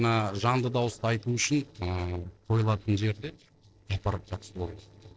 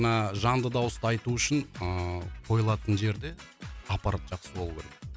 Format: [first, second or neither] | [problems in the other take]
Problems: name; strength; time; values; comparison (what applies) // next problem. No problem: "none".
second | noise reduction (neural separator model SepFormer DNS4)